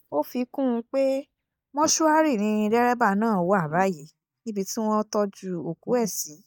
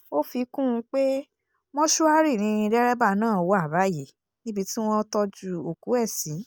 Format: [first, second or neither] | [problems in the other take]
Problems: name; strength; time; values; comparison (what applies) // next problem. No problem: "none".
second | noise reduction (neural mask model DeepFilterNet 3)